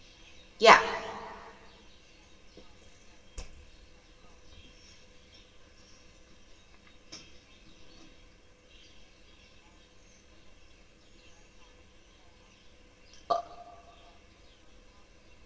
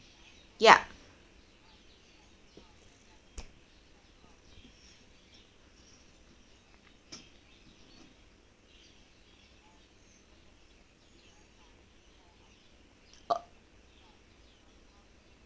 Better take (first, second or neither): second